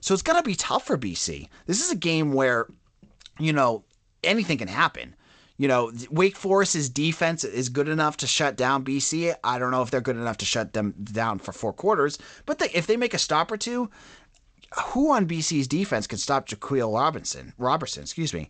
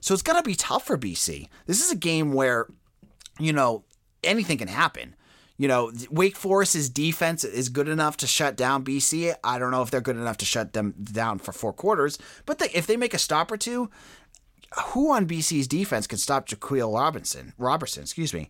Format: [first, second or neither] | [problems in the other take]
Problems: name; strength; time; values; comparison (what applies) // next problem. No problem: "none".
second | garbled, watery; slightly; nothing above 8 kHz